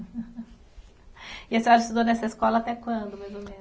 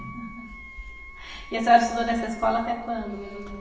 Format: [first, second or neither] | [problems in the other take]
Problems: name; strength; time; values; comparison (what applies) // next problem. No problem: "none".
first | background sound (Wind instrument, woodwind instrument); 19 dB below the speech // room echo; dies away in 0.9 s